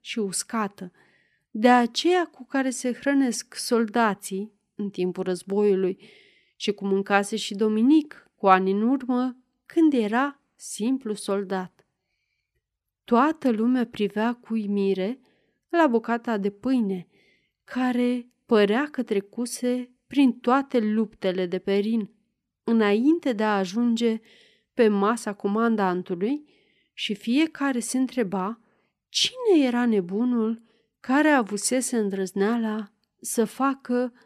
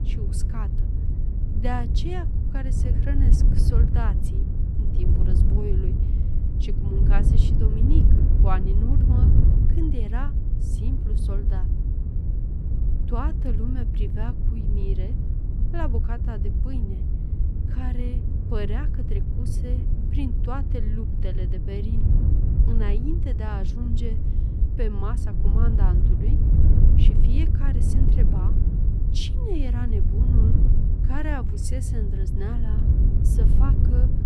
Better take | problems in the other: first | wind noise on the microphone; heavy; 1 dB below the speech

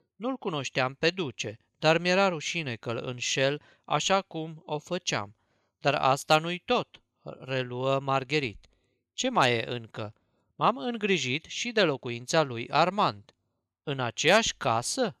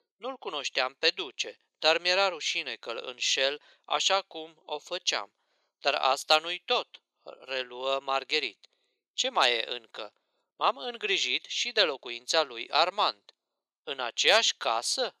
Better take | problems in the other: first | thin; very; fading below 400 Hz

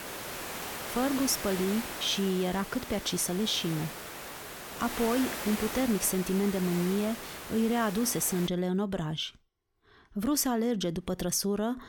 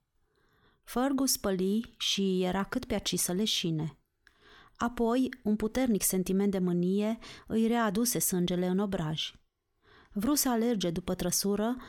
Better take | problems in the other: second | hiss; loud; until 8.5 s; 8 dB below the speech

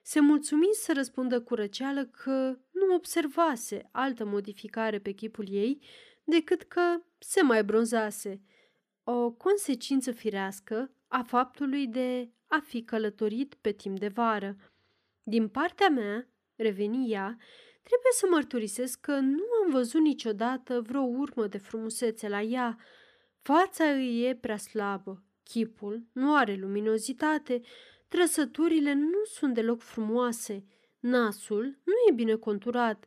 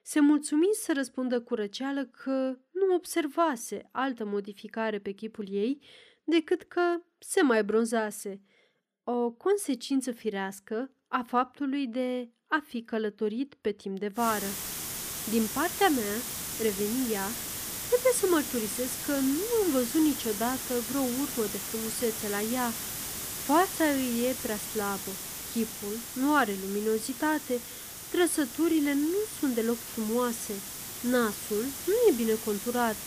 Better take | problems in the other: first | hiss; loud; from 14 s on; 5 dB below the speech

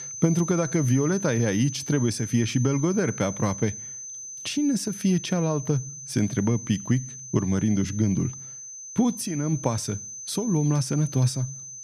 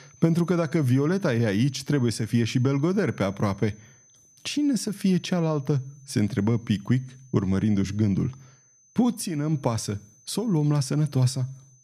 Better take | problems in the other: second | high-pitched whine; loud; throughout; 6 kHz, 10 dB below the speech; faint in the second

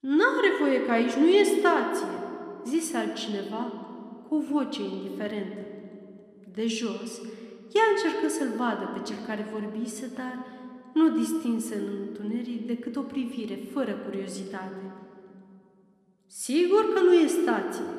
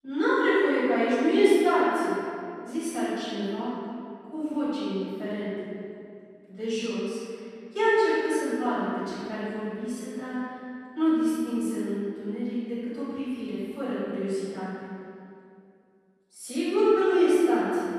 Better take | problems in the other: first | room echo; strong; dies away in 2.3 s; slight in the first // off-mic speech; far

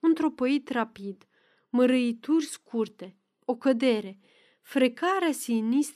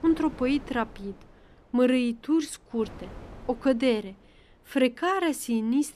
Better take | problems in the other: first | wind noise on the microphone; occasional gusts; 20 dB below the speech

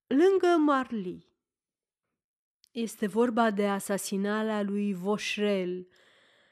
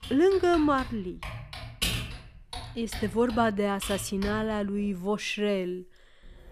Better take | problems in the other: first | household noises; loud; throughout; 10 dB below the speech

